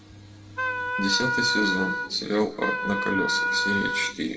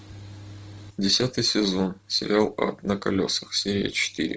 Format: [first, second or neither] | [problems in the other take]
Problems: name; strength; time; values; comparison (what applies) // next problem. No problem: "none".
second | background sound (Wind instrument, woodwind instrument); 1 dB above the speech // room echo; dies away in 1.7 s